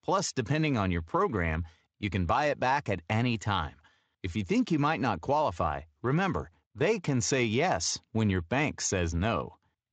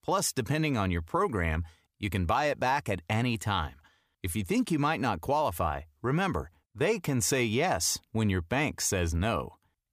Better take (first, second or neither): second